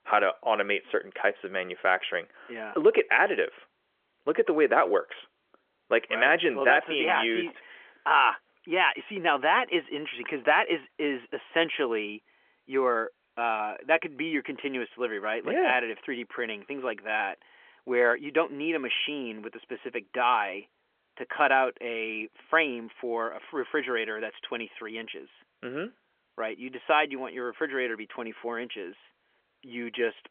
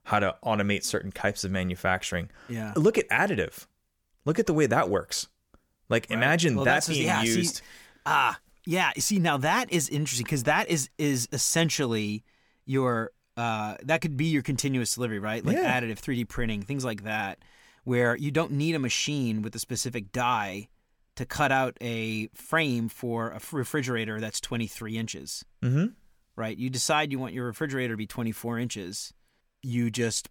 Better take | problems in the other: second | phone-call audio; nothing above 3.5 kHz

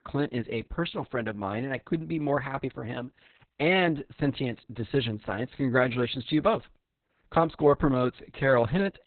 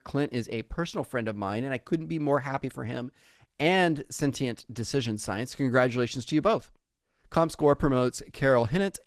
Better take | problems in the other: second | garbled, watery; badly; nothing above 4 kHz; slightly in the second

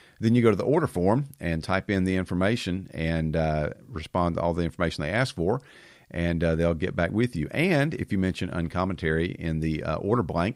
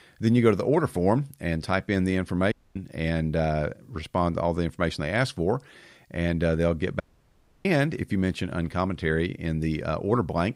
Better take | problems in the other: first | audio cutting out; at 2.5 s and at 7 s for 0.5 s

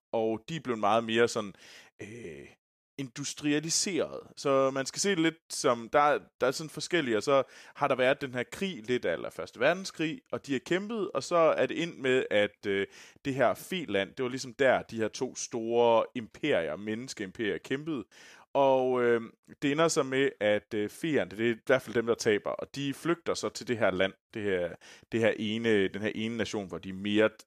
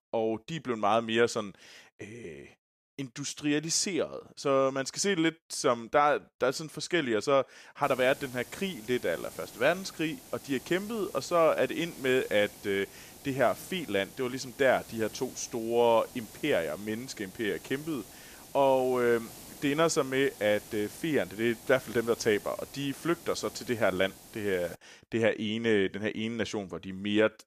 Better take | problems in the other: first | hiss; noticeable; from 8 to 25 s; 20 dB below the speech

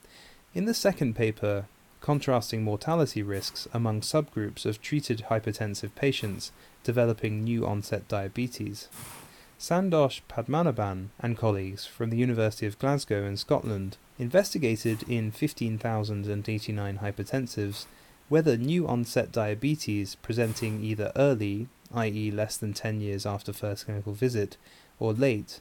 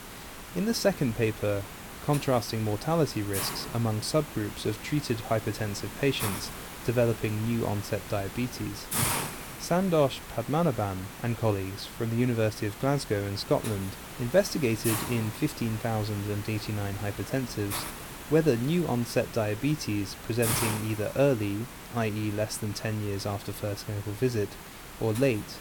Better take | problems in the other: first | hiss; loud; throughout; 8 dB below the speech; faint in the first

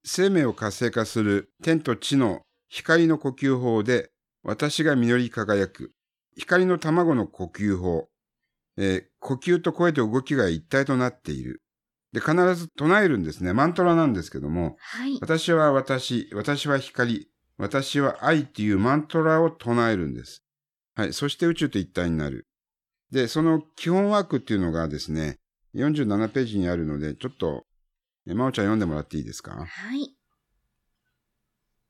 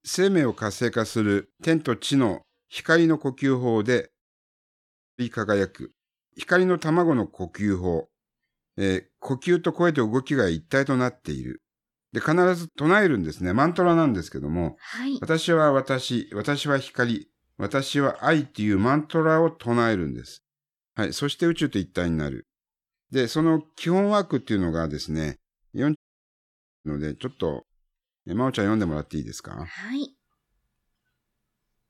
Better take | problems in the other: first | audio cutting out; at 4 s for 1 s and at 26 s for 1 s

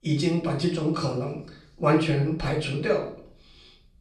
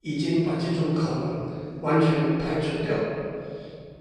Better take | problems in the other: first | room echo; strong; dies away in 2.4 s; slight in the first // off-mic speech; far; far in the first

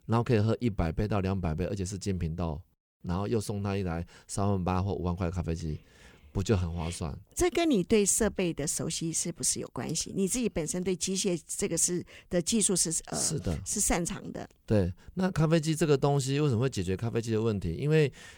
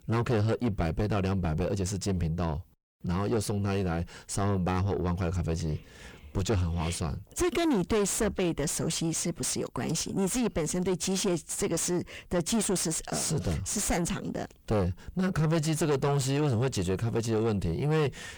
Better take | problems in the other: first | distortion; heavy; 6 dB below the speech

